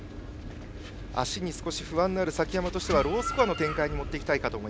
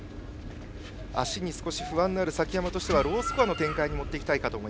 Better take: first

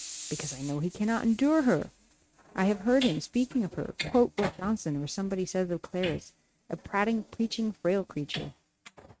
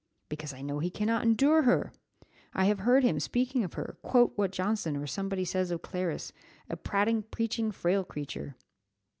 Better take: second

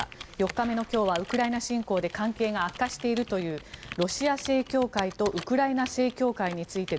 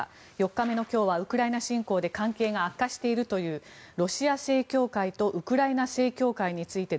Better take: second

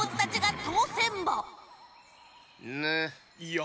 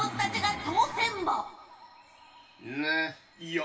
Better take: first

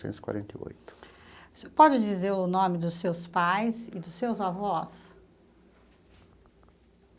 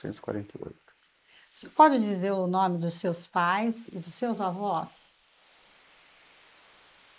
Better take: first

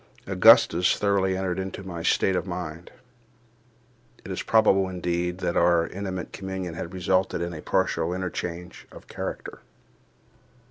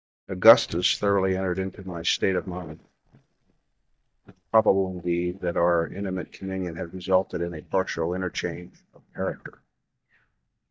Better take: first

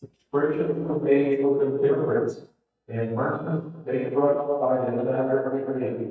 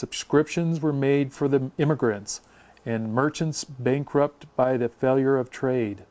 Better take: second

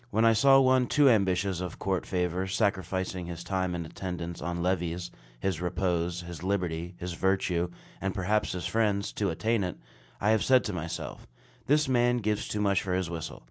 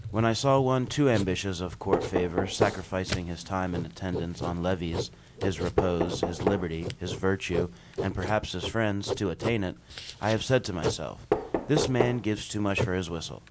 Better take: first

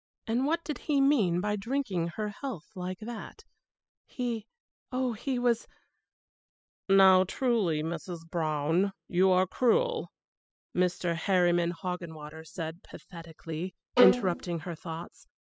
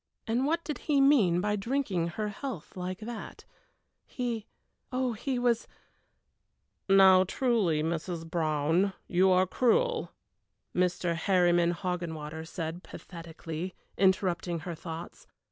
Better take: second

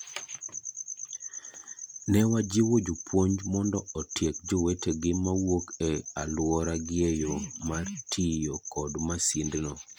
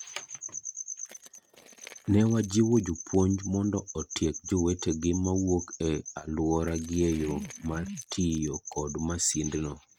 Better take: first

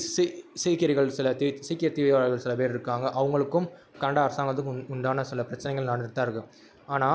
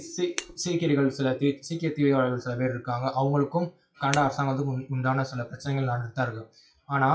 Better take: first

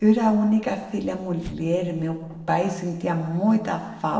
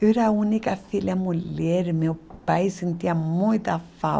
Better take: second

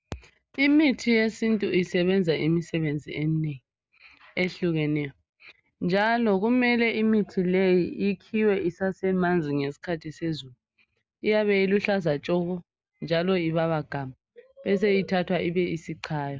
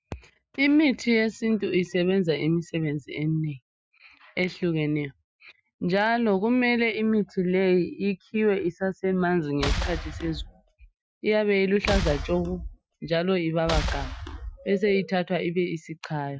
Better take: first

